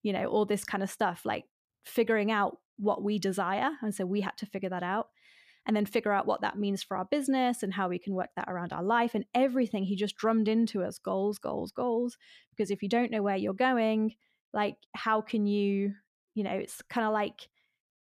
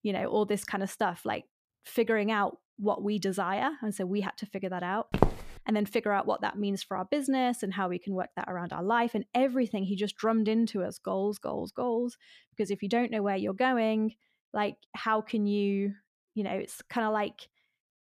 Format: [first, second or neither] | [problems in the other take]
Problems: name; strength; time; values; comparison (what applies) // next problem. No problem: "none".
first | footsteps; loud; at 5 s; peak 2 dB above the speech